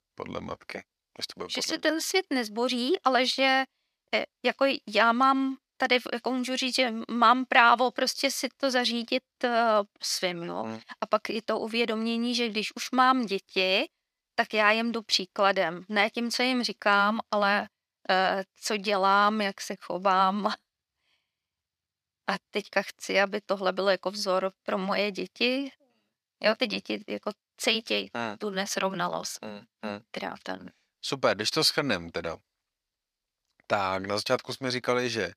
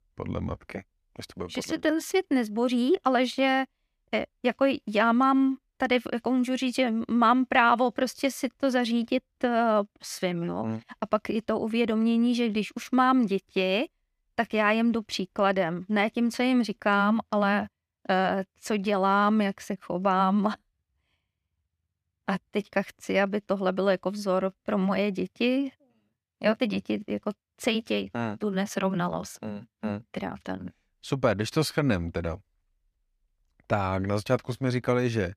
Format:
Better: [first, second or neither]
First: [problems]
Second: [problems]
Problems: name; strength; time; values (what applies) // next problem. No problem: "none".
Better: second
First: thin; very slightly; fading below 1 kHz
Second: none